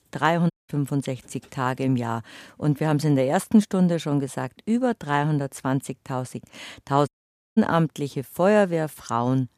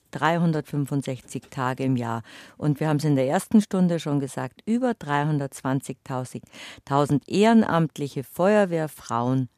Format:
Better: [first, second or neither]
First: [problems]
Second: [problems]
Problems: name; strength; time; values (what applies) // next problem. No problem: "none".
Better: second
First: audio cutting out; at 0.5 s and at 7 s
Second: none